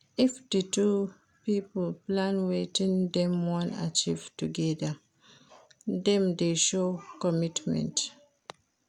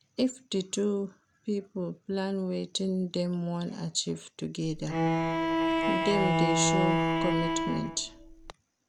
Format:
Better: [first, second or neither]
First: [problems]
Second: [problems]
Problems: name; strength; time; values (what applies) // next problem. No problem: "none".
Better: first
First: none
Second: background sound (Bowed string instrument); 4 dB above the speech